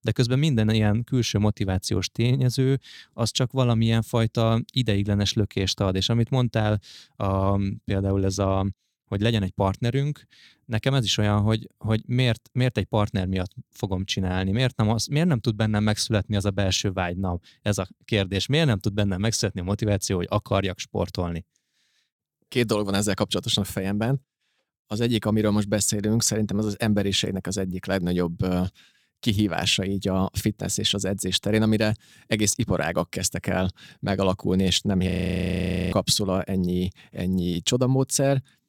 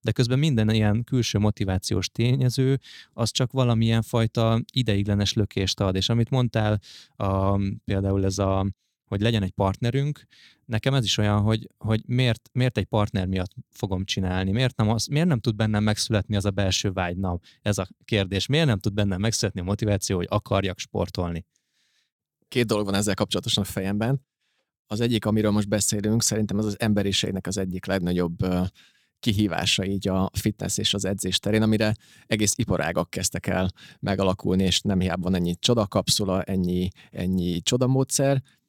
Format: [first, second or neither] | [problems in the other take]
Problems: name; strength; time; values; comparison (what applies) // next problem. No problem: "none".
second | audio freezing; at 35 s for 1 s